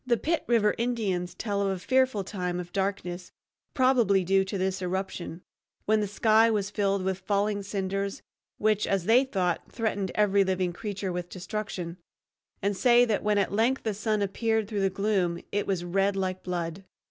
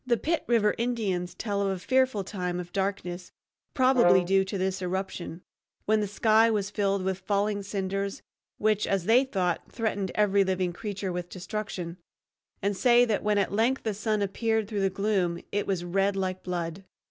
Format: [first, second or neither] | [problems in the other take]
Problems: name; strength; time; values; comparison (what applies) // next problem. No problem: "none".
first | background sound (Brass instrument); 4 dB below the speech